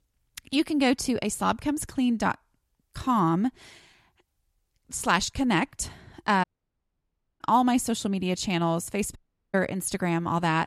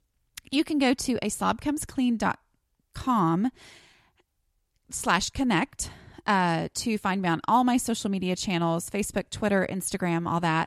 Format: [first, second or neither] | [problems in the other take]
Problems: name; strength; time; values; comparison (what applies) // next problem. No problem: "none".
second | audio cutting out; at 6.5 s for 1 s and at 9 s